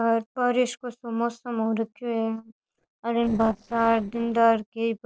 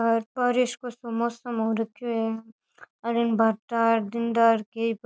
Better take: second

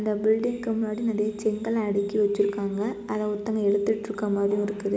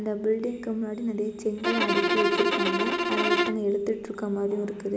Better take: first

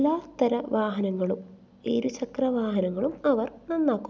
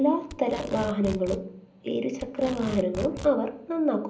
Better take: first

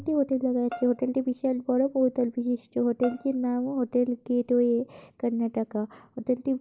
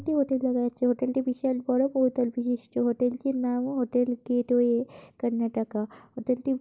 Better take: second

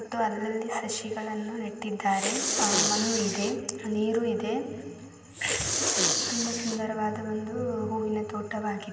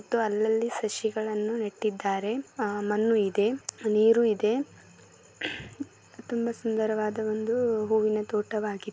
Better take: second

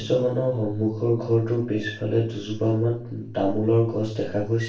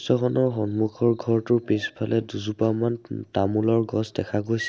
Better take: second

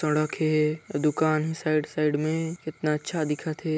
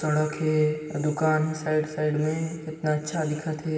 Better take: first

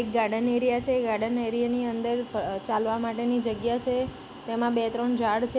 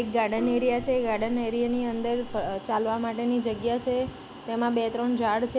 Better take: first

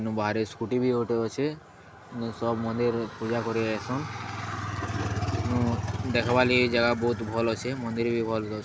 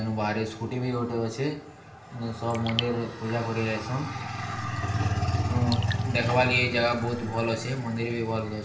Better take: first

